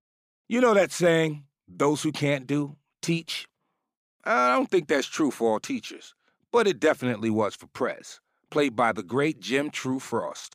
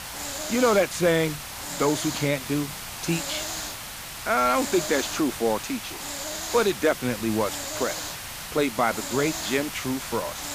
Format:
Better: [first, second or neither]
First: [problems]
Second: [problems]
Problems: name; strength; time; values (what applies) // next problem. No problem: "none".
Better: first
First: none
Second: hiss; loud; throughout; 6 dB below the speech